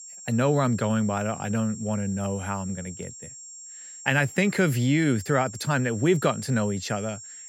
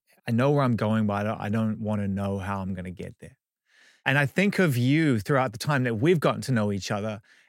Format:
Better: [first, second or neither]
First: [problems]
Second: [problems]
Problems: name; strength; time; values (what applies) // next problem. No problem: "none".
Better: second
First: high-pitched whine; noticeable; throughout; 7.5 kHz, 15 dB below the speech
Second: none